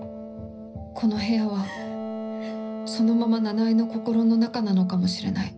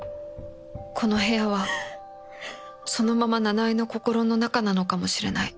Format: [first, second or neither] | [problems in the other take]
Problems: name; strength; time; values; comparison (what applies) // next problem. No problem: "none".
second | background sound (Wind instrument, woodwind instrument); 11 dB below the speech // room echo; dies away in 0.5 s